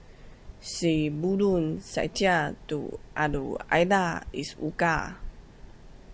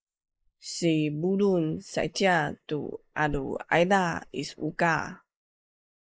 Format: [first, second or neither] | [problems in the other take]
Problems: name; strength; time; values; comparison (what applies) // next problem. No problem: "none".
first | noise reduction (neural mask model Resemble Enhance denoiser)